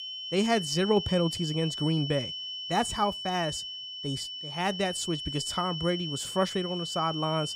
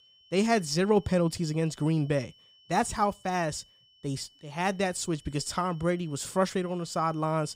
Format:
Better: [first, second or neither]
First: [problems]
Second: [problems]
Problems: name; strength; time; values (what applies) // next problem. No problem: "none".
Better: second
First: high-pitched whine; loud; throughout; 3 kHz, 5 dB below the speech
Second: high-pitched whine; faint; throughout; 3 kHz, 30 dB below the speech